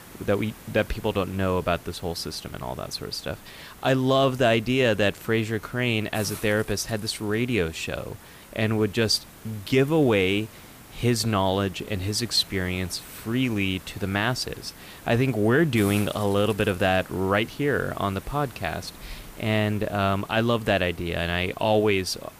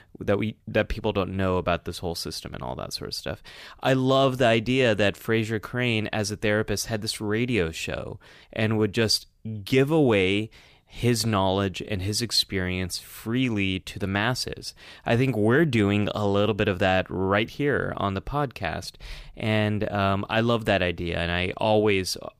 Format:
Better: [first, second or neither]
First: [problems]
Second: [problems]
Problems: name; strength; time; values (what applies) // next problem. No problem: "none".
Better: second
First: hiss; noticeable; throughout; 20 dB below the speech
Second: none